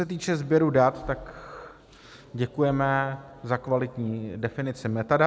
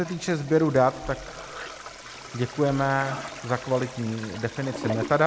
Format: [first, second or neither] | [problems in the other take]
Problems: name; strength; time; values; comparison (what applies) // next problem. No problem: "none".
first | background sound (Toilet flush); 12 dB below the speech